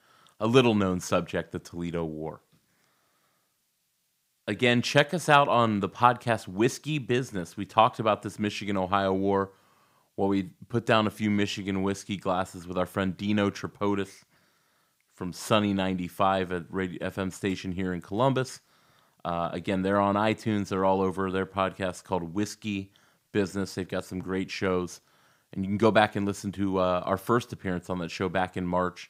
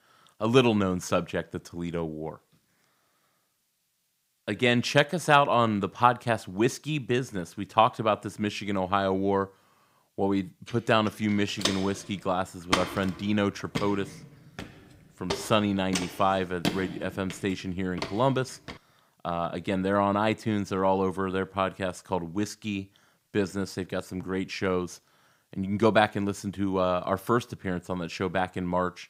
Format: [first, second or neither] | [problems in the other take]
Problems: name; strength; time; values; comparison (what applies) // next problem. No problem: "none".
first | footsteps; noticeable; from 12 to 18 s; peak 1 dB below the speech